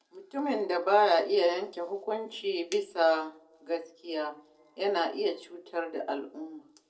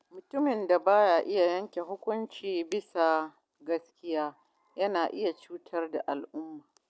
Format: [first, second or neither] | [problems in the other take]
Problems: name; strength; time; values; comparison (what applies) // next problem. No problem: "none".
second | room echo; dies away in 0.2 s